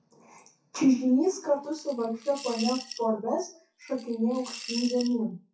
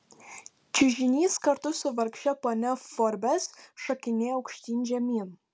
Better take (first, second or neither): second